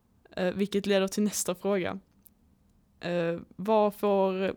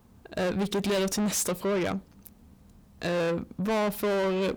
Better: first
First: none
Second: distortion; heavy; 6 dB below the speech

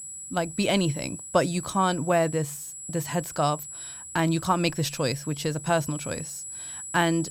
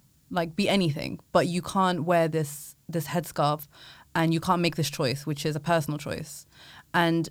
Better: second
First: high-pitched whine; noticeable; throughout; 8 kHz, 10 dB below the speech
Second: none

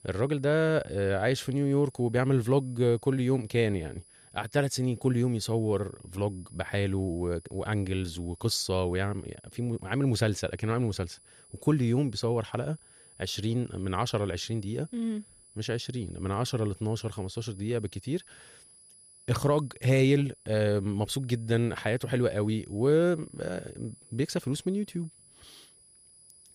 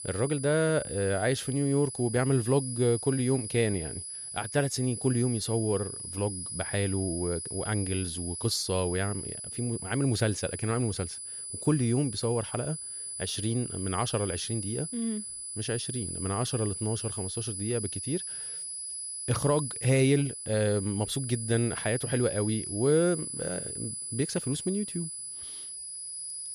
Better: first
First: high-pitched whine; faint; throughout; 10 kHz, 25 dB below the speech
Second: high-pitched whine; loud; throughout; 10 kHz, 6 dB below the speech

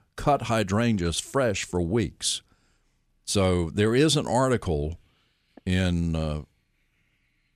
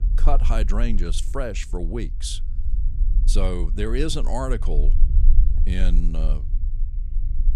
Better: first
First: none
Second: low rumble; noticeable; throughout; 15 dB below the speech

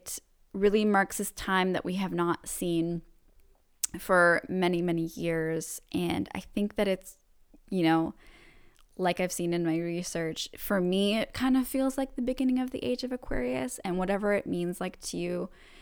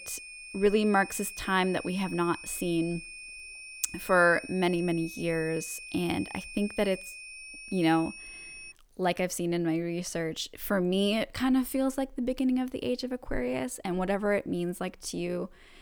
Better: first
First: none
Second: high-pitched whine; noticeable; until 8.5 s; 2.5 kHz, 10 dB below the speech

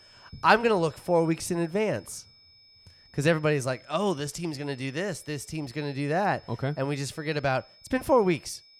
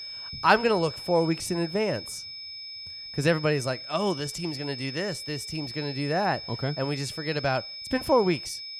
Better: first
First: high-pitched whine; faint; throughout; 5 kHz, 25 dB below the speech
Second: high-pitched whine; loud; throughout; 5 kHz, 9 dB below the speech

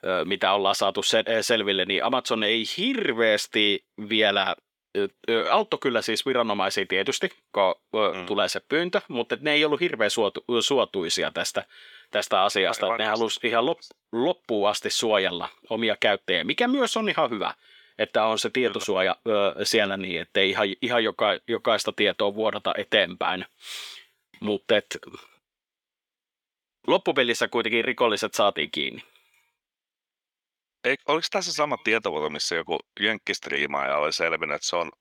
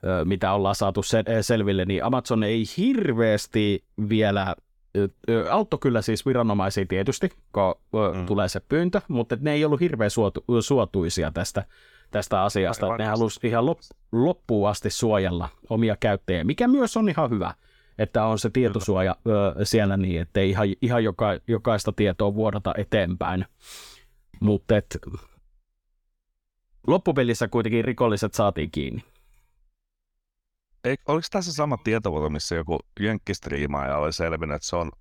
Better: second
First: thin; somewhat; fading below 350 Hz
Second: none

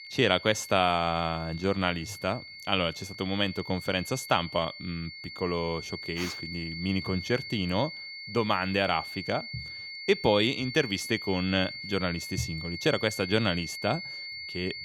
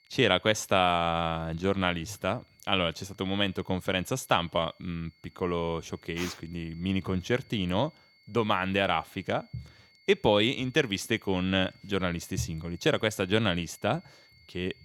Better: second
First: high-pitched whine; loud; throughout; 2 kHz, 9 dB below the speech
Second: high-pitched whine; faint; throughout; 2 kHz, 30 dB below the speech

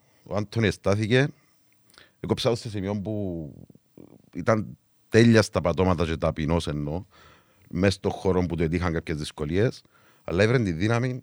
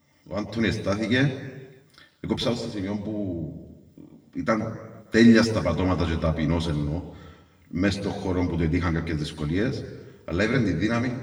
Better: first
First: none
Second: room echo; slight; dies away in 1 s // off-mic speech; somewhat distant

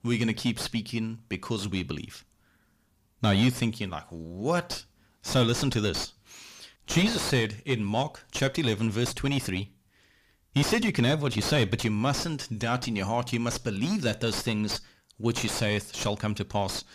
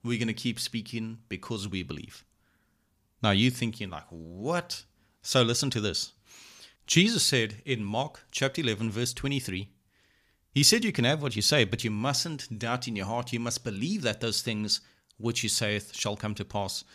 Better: second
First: distortion; heavy; 4 dB below the speech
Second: none

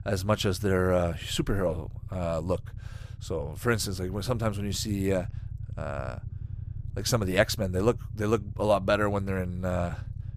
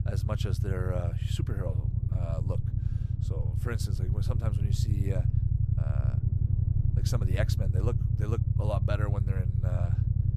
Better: first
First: low rumble; faint; throughout; 25 dB below the speech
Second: low rumble; loud; throughout; 2 dB below the speech

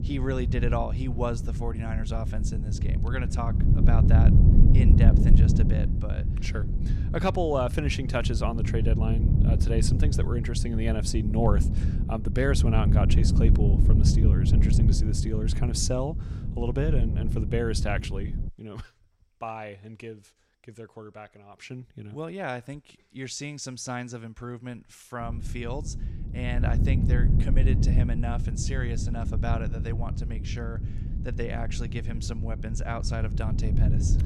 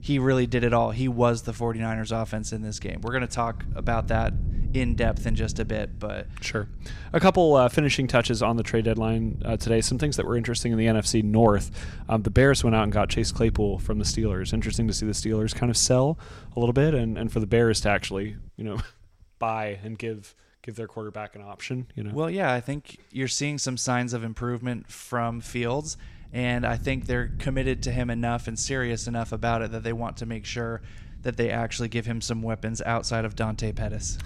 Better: second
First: wind noise on the microphone; heavy; until 18 s and from 25 s on; 4 dB below the speech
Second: wind noise on the microphone; occasional gusts; until 18 s and from 25 s on; 25 dB below the speech

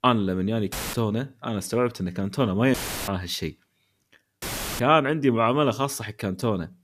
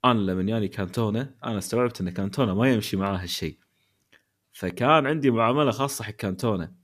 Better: second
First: audio cutting out; filled with static; at 0.5 s, at 2.5 s and at 4.5 s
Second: none

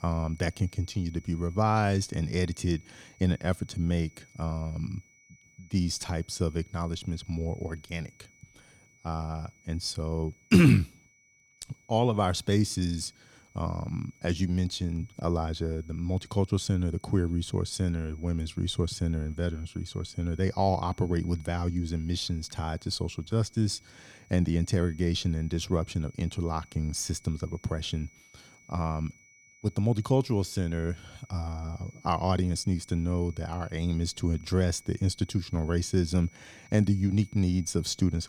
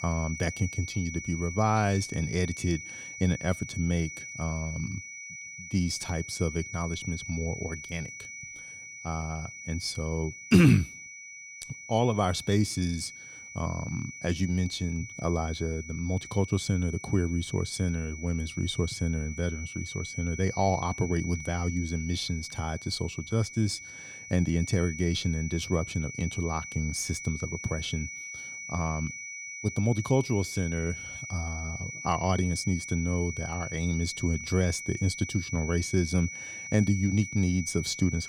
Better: first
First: high-pitched whine; faint; throughout; 2 kHz, 30 dB below the speech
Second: high-pitched whine; loud; throughout; 2 kHz, 9 dB below the speech

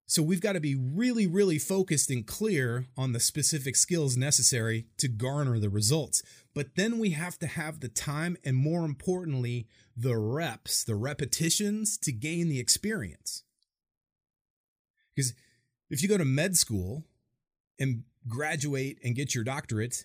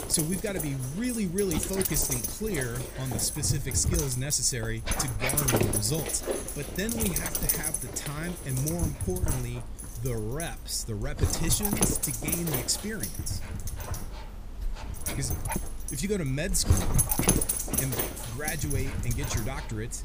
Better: first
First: none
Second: animal sounds; very loud; throughout; 1 dB above the speech

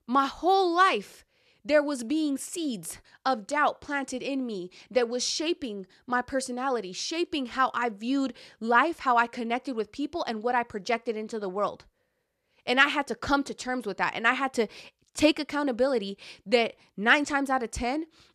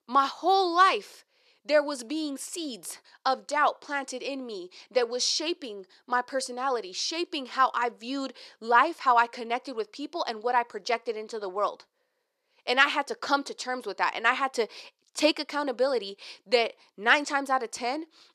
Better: first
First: none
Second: thin; very slightly; fading below 400 Hz

